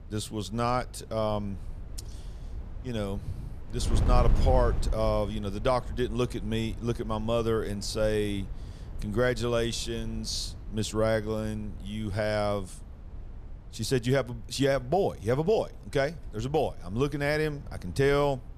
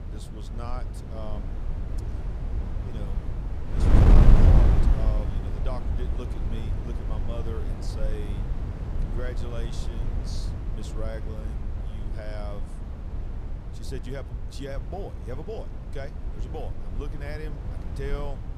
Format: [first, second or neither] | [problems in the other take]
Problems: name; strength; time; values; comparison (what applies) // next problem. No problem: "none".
first | wind noise on the microphone; heavy; 1 dB above the speech; occasional gusts in the first